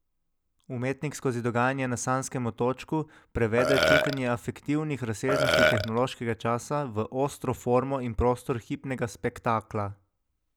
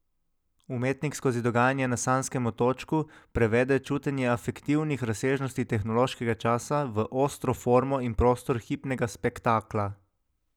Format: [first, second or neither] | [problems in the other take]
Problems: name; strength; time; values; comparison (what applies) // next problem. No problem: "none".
second | background sound (Burping, eructation); 4 dB above the speech